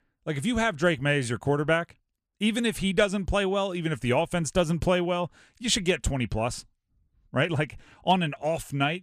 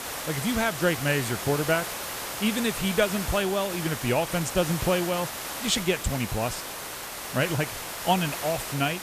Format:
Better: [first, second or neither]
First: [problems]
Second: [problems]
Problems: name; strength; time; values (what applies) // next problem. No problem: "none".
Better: first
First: none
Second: hiss; loud; throughout; 5 dB below the speech